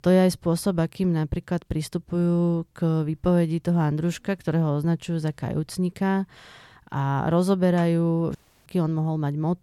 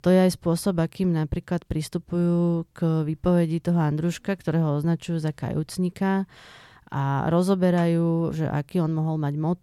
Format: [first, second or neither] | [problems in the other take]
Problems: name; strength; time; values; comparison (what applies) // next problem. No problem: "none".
second | audio cutting out; at 8.5 s